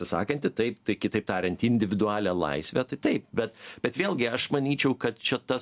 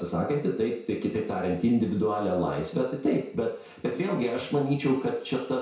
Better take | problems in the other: first | room echo; dies away in 0.6 s

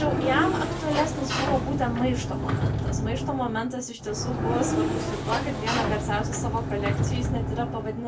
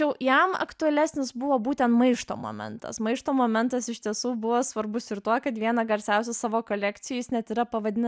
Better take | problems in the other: second | background sound (Sliding door); 2 dB above the speech // room echo; dies away in 0.2 s

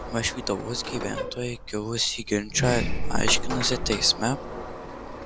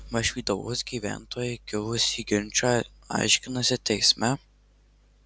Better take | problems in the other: second | background sound (Sliding door); 1 dB below the speech

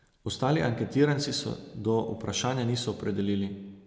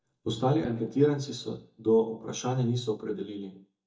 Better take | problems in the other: first | noise reduction (neural mask model DeepFilterNet 3)

